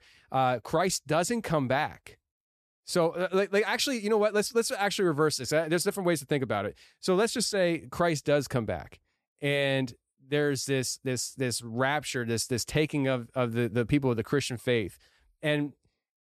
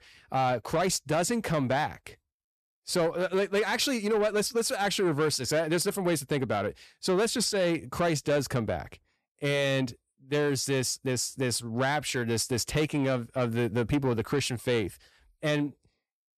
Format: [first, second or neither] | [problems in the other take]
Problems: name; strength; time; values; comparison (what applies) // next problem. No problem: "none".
first | distortion; slight; 10 dB below the speech